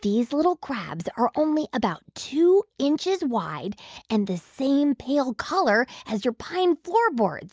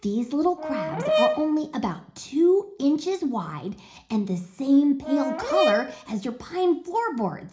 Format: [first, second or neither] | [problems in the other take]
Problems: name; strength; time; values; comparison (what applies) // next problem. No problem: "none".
first | background sound (Brass instrument); 2 dB below the speech // room echo; dies away in 0.4 s